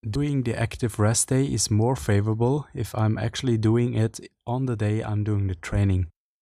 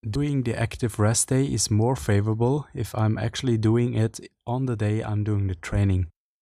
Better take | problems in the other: neither | none

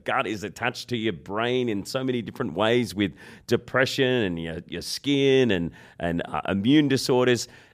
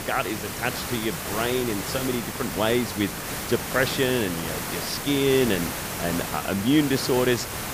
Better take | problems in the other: first | hiss; loud; throughout; 4 dB below the speech

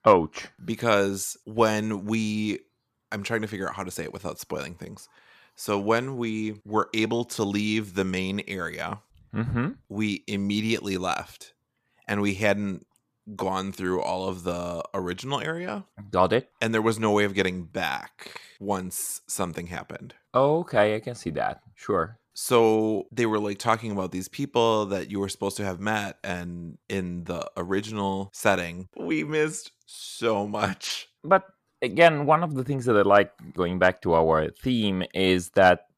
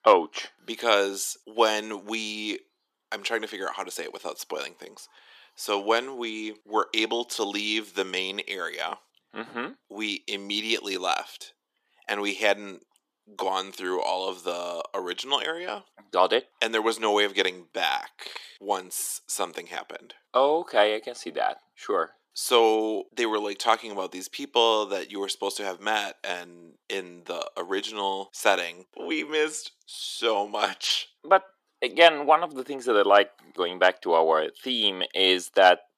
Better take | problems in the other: first | thin; somewhat; fading below 300 Hz

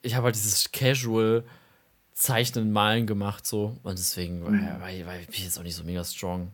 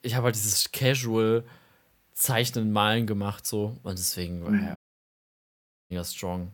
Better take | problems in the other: first | audio cutting out; at 5 s for 1 s

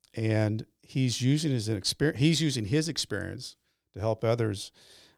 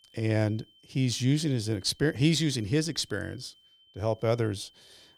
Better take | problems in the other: first | high-pitched whine; faint; throughout; 3 kHz, 30 dB below the speech

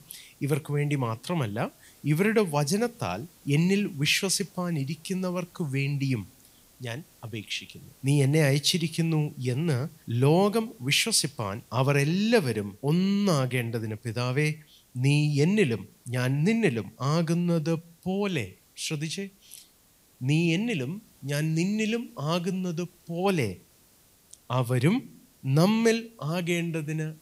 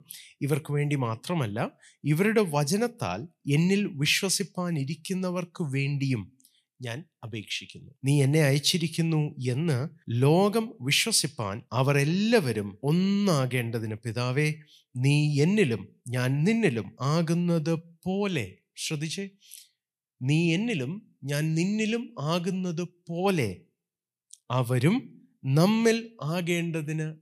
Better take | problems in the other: second | hiss; faint; throughout; 30 dB below the speech

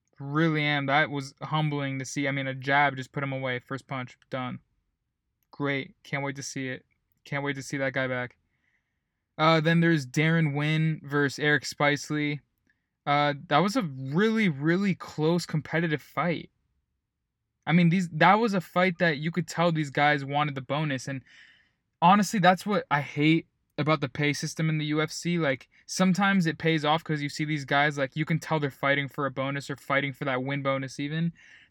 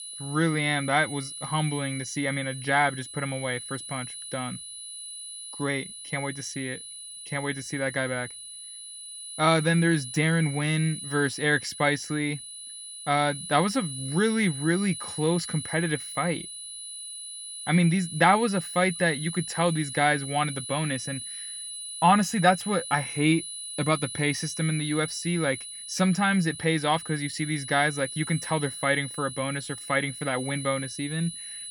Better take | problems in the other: first | high-pitched whine; loud; throughout; 10 kHz, 9 dB below the speech

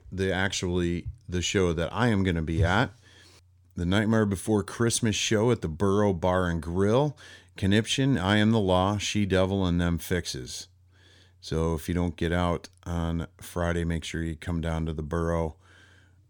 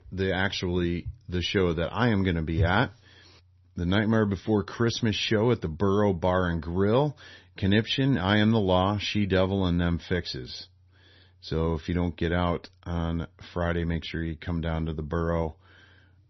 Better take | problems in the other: first | garbled, watery; slightly; nothing above 6 kHz

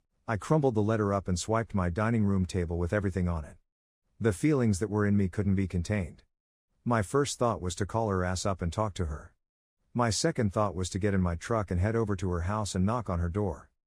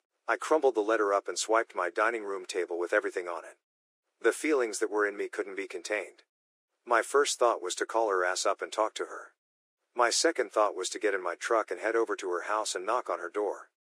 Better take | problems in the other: first | thin; very; fading below 350 Hz

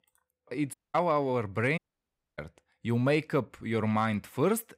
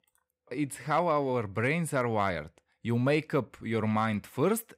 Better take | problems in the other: second | audio cutting out; at 0.5 s and at 2 s for 0.5 s

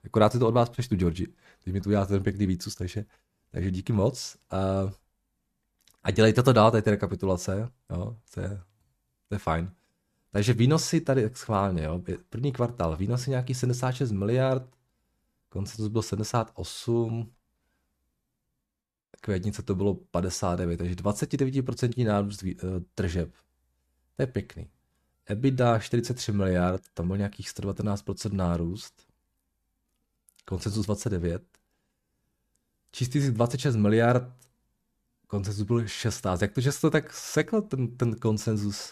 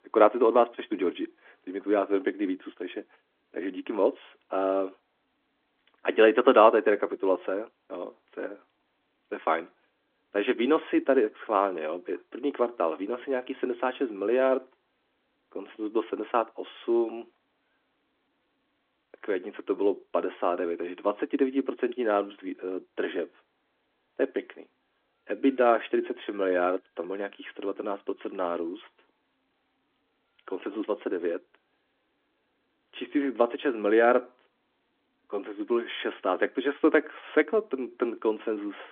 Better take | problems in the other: first | phone-call audio; nothing above 3.5 kHz

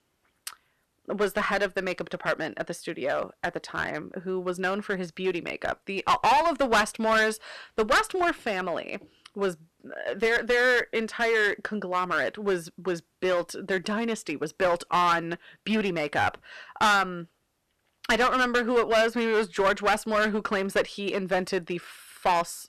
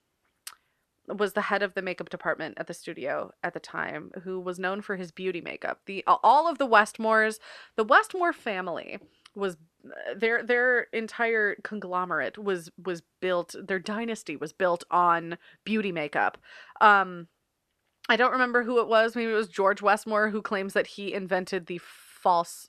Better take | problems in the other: second | distortion; heavy; 7% of the sound clipped

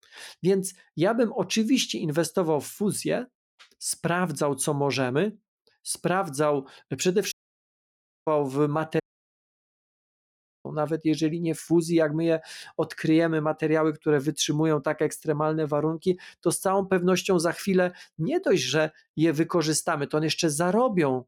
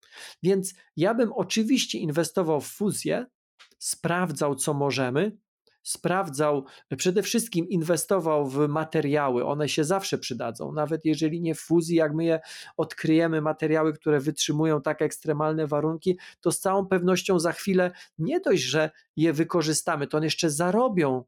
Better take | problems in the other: second | audio cutting out; at 7.5 s for 1 s and at 9 s for 1.5 s

